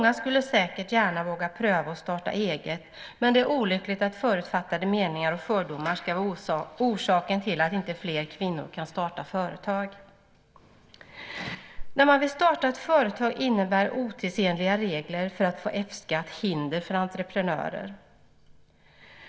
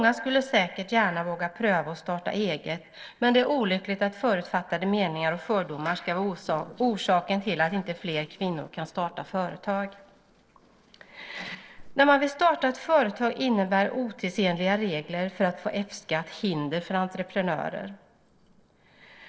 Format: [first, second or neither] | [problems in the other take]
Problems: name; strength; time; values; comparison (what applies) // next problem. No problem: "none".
first | noise reduction (neural separator model SepFormer DNS4)